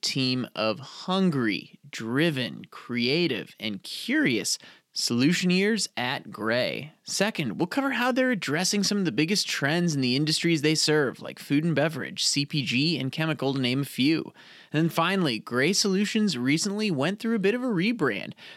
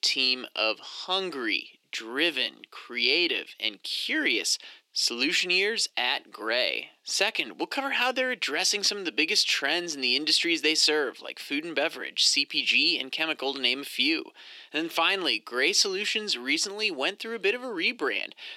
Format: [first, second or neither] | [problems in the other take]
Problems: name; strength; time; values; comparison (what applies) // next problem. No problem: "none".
first | thin; somewhat; fading below 350 Hz